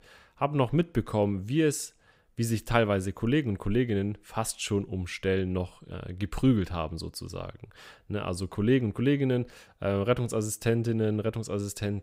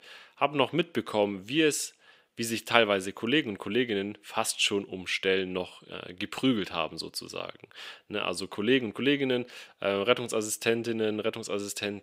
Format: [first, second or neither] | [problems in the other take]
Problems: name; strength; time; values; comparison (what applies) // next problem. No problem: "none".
first | thin; very slightly; fading below 300 Hz